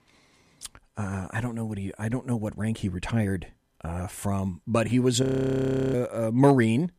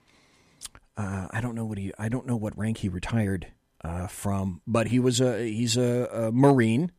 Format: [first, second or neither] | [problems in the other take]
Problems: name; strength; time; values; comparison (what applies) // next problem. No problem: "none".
second | audio freezing; at 5 s for 0.5 s